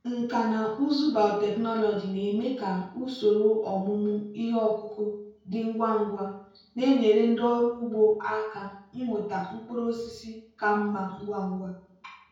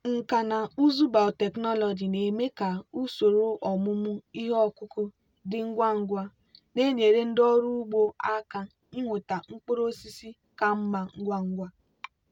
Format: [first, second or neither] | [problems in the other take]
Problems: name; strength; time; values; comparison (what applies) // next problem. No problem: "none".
second | room echo; dies away in 0.5 s